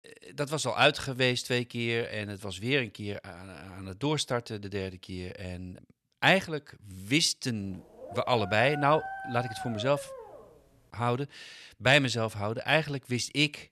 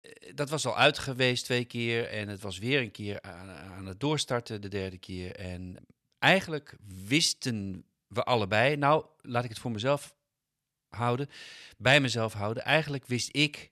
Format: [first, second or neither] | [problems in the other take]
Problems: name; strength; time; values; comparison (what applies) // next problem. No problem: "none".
second | dog barking; noticeable; from 7.5 to 11 s; peak 9 dB below the speech